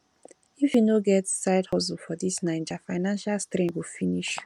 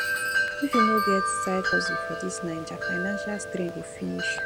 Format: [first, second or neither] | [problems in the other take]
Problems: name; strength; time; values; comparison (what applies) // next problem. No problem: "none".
first | background sound (Wind chime); 3 dB above the speech